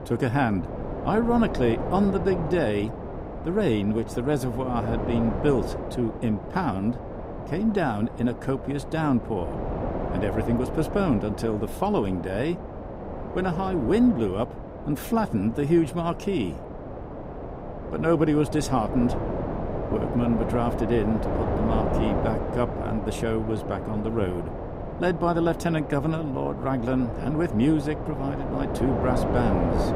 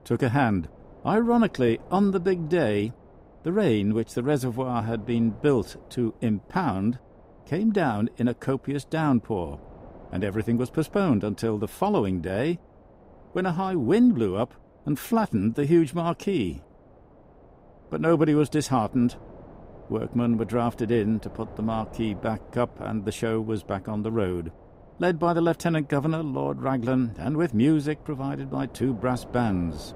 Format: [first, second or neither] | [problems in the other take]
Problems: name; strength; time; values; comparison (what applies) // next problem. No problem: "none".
second | wind noise on the microphone; heavy; 5 dB below the speech; occasional gusts in the second